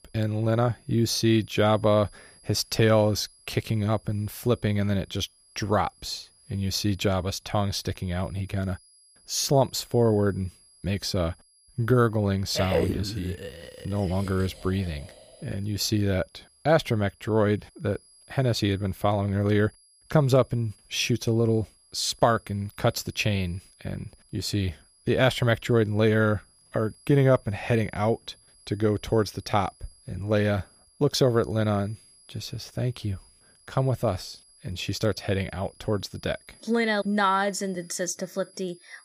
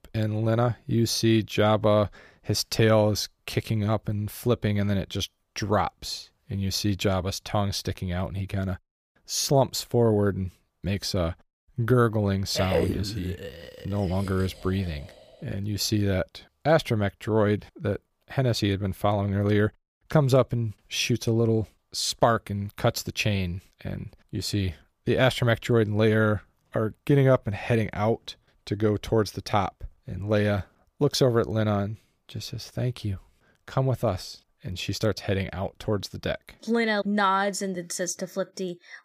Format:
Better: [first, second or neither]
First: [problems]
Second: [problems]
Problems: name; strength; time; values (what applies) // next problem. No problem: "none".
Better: second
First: high-pitched whine; faint; throughout; 10.5 kHz, 30 dB below the speech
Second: none